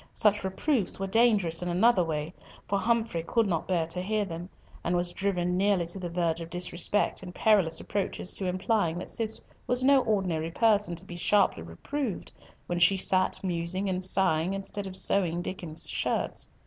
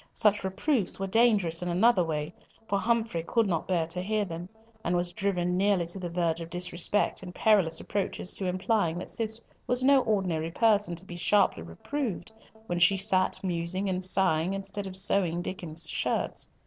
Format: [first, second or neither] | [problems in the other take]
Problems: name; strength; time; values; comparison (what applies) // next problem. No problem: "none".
first | noise reduction (neural separator model SepFormer DNS4)